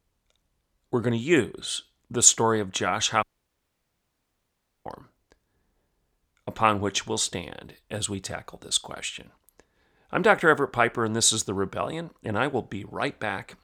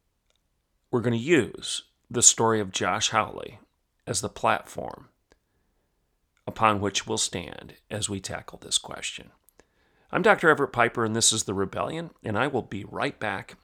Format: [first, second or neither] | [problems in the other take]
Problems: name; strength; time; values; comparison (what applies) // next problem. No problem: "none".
second | audio cutting out; at 3 s for 1.5 s